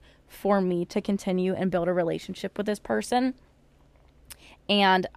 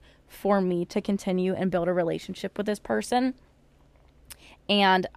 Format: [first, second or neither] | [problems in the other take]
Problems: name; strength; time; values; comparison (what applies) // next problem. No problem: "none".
neither | none